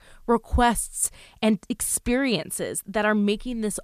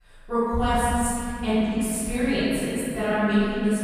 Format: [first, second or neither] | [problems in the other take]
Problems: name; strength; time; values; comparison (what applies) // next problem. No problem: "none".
first | off-mic speech; far // room echo; strong; dies away in 3 s